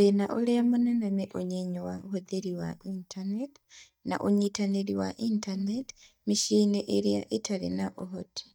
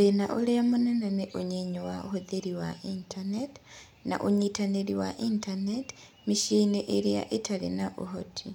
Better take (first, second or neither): second